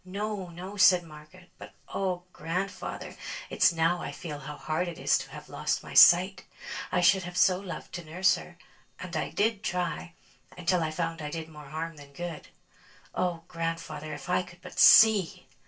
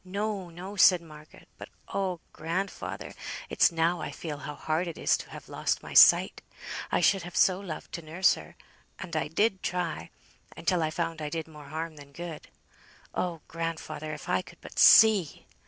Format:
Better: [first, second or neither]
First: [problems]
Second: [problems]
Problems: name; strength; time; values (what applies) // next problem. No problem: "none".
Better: second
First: room echo; dies away in 0.2 s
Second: none